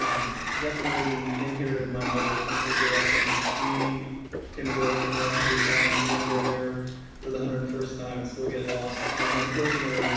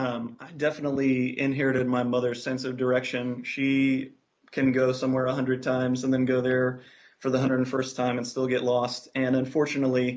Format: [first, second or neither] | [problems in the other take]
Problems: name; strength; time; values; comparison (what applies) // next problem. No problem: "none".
second | background sound (Sliding door); 2 dB above the speech // room echo; dies away in 1.1 s